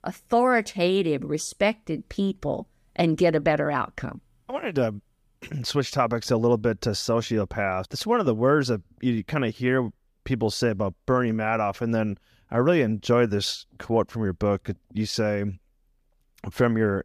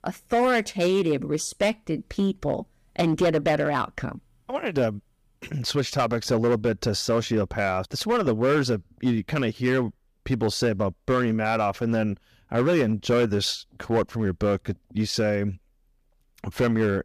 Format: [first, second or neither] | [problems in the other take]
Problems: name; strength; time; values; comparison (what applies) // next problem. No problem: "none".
first | distortion; slight; 6% of the sound clipped